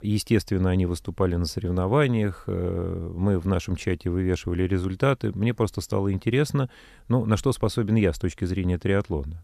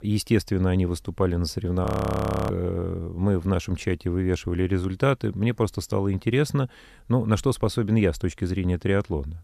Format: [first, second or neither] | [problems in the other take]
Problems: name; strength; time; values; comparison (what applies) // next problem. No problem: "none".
first | audio freezing; at 2 s for 0.5 s